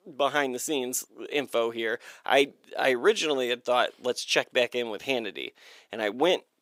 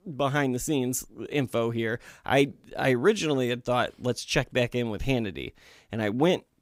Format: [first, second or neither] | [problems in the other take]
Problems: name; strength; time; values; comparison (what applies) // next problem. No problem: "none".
second | thin; somewhat; fading below 450 Hz